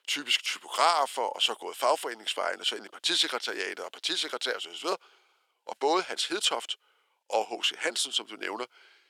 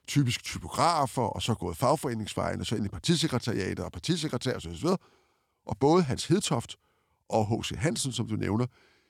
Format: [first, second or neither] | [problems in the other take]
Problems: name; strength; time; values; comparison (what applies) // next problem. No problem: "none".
second | thin; very; fading below 400 Hz